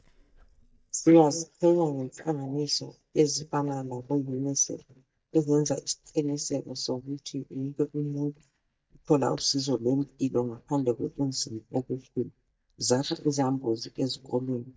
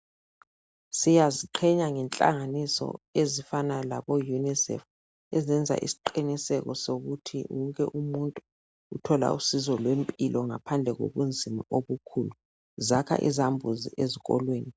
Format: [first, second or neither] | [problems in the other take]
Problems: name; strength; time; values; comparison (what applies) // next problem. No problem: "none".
second | noise reduction (neural mask model DeepFilterNet 3)